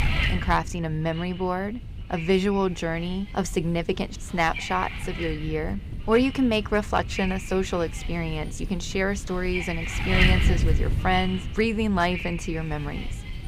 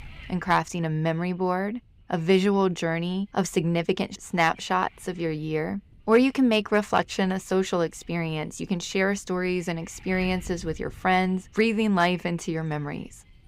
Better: second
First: wind noise on the microphone; heavy; 4 dB below the speech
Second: wind noise on the microphone; occasional gusts; 25 dB below the speech

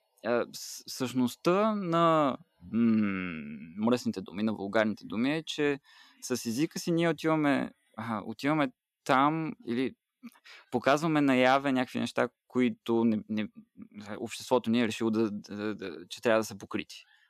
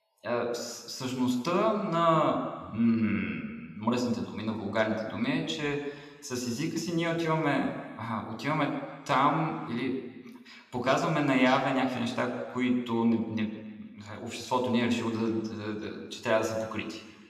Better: first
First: none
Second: room echo; slight; dies away in 1.4 s // off-mic speech; somewhat distant

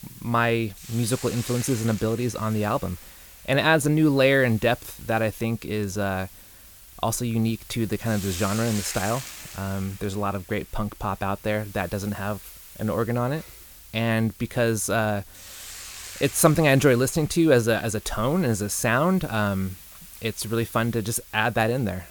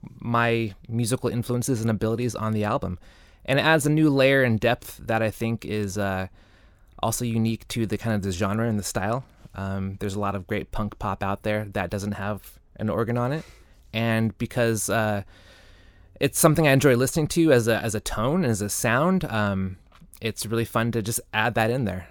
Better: second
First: hiss; noticeable; throughout; 15 dB below the speech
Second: none

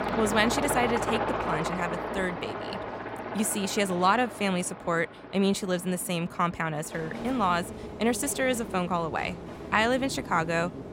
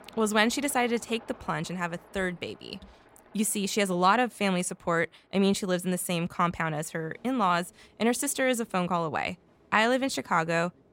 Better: second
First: train or aircraft noise; loud; throughout; 6 dB below the speech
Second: train or aircraft noise; faint; throughout; 30 dB below the speech

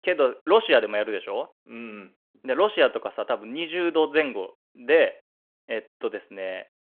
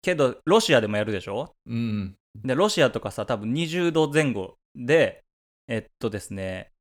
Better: second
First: phone-call audio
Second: none

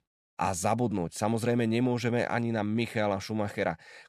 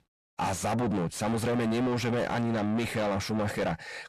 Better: first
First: none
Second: distortion; heavy; 6 dB below the speech

